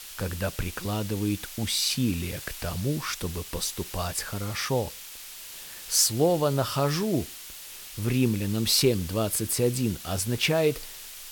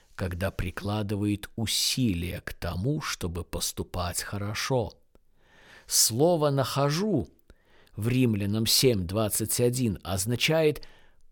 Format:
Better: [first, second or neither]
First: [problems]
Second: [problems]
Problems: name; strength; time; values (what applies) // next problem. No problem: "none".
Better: second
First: hiss; noticeable; throughout; 10 dB below the speech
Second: none